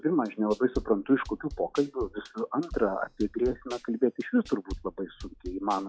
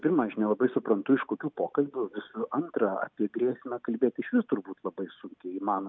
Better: second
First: noise reduction (classical method log-MMSE)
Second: none

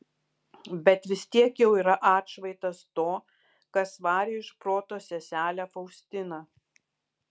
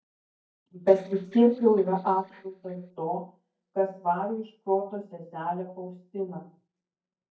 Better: first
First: none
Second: noise reduction (neural mask model DeepFilterNet 3)

